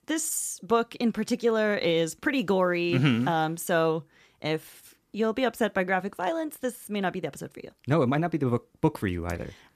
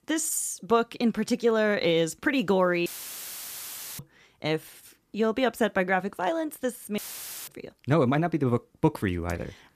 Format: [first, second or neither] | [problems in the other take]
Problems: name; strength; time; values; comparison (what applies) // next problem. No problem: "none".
first | audio cutting out; filled with static; at 3 s for 1 s and at 7 s for 0.5 s